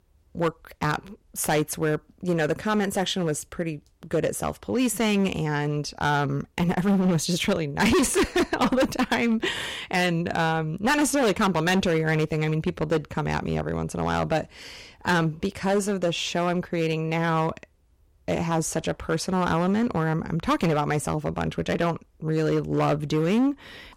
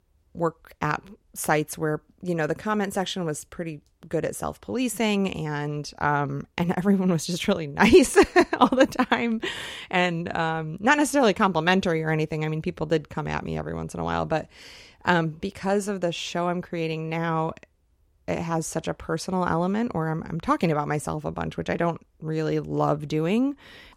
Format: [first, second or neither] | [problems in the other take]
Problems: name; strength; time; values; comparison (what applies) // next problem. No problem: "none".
second | distortion; heavy; 9% of the sound clipped